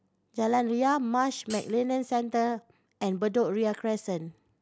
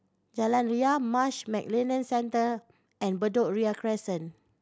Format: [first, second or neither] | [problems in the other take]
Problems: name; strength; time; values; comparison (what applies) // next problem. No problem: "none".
second | background sound (Hi-hat); 15 dB below the speech